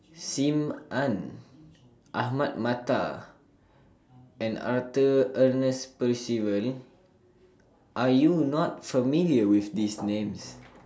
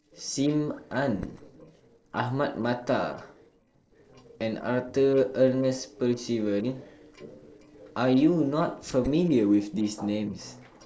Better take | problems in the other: first | noise reduction (neural separator model SepFormer DNS4)

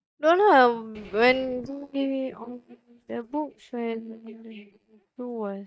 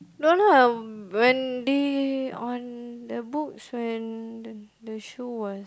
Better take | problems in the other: second | noise reduction (neural mask model DeepFilterNet 3)

